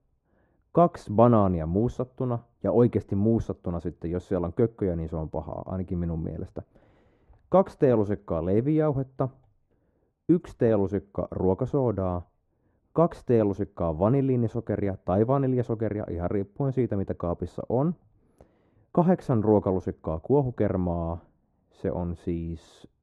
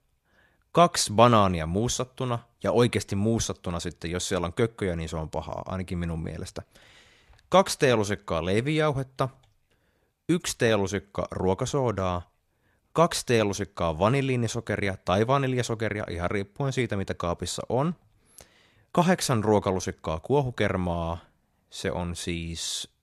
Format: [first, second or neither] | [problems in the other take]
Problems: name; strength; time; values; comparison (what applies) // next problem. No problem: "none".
second | muffled; very; fading above 1.5 kHz